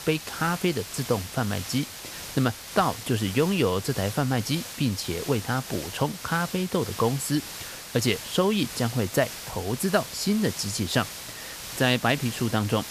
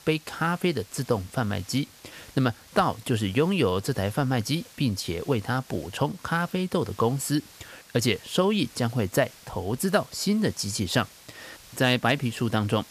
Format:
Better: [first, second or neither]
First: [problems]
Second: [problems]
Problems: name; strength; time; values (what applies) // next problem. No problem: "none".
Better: second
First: hiss; loud; throughout; 10 dB below the speech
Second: hiss; faint; throughout; 20 dB below the speech